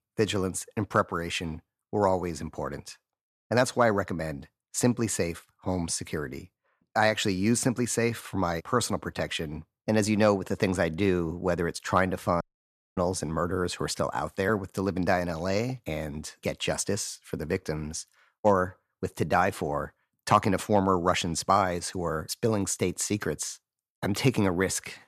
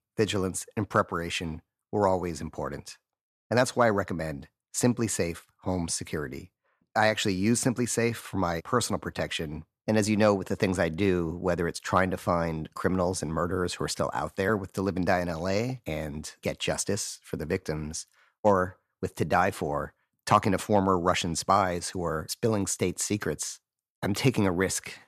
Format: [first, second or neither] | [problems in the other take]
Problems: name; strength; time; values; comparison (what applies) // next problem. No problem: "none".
second | audio cutting out; at 12 s for 0.5 s